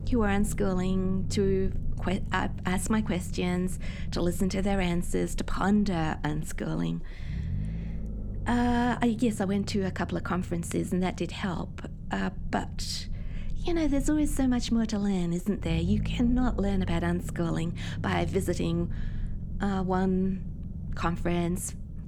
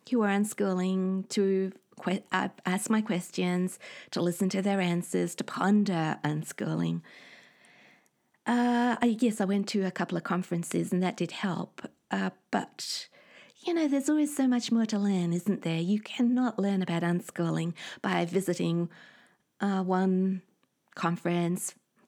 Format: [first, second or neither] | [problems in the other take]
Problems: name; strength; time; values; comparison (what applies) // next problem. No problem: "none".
second | low rumble; noticeable; throughout; 15 dB below the speech